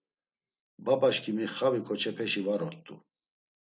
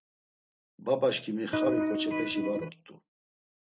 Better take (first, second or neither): first